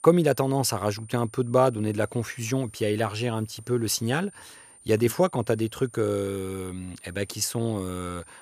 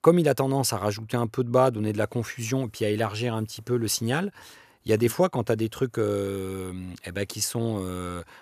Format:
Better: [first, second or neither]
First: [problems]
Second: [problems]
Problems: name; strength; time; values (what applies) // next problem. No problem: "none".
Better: second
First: high-pitched whine; faint; throughout; 9 kHz, 20 dB below the speech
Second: none